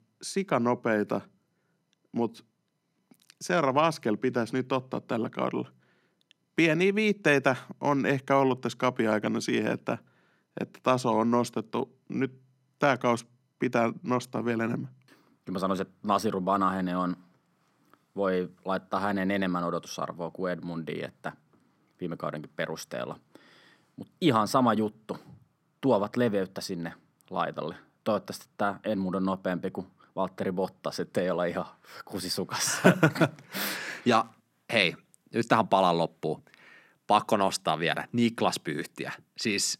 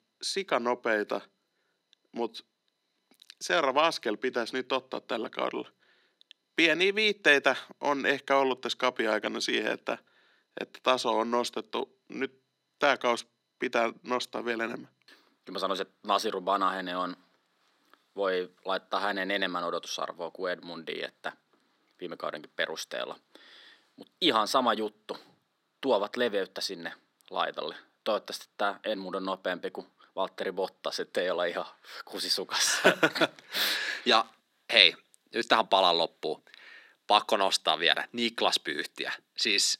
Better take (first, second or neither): first